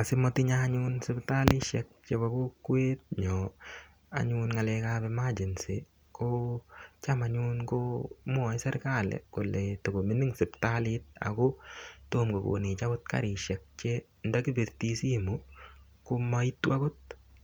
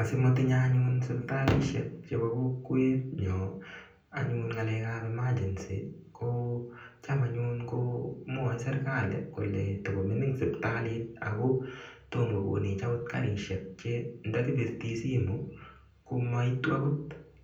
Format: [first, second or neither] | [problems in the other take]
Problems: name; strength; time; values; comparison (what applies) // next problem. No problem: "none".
first | room echo; dies away in 0.6 s